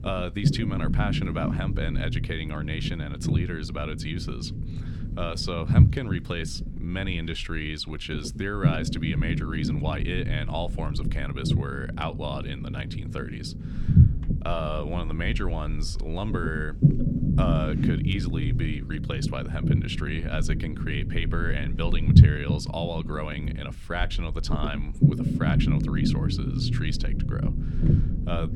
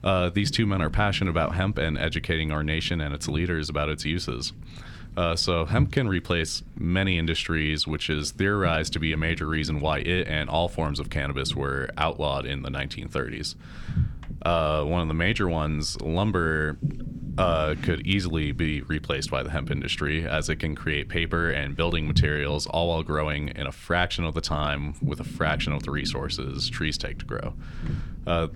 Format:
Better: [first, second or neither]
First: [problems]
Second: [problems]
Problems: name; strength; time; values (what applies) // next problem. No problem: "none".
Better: second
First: low rumble; loud; throughout; 3 dB below the speech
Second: low rumble; faint; throughout; 20 dB below the speech